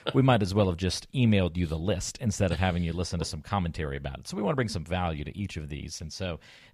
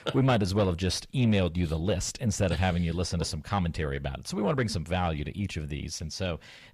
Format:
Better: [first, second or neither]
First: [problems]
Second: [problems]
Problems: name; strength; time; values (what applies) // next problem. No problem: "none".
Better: first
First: none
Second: distortion; slight; 10 dB below the speech